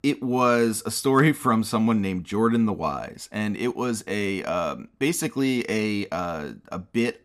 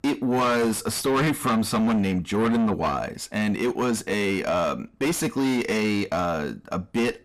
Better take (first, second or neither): first